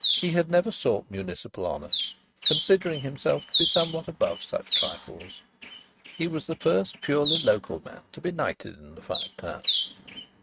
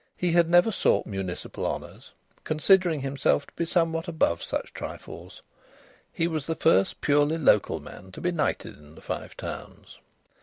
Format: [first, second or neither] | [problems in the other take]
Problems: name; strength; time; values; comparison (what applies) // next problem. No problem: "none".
second | noise reduction (neural mask model RNNoise)